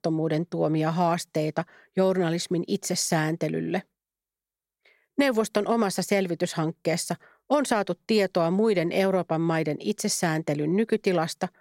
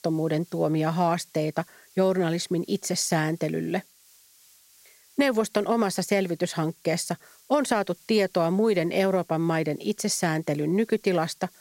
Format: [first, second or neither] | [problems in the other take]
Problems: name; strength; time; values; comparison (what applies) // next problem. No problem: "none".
first | hiss; faint; throughout; 30 dB below the speech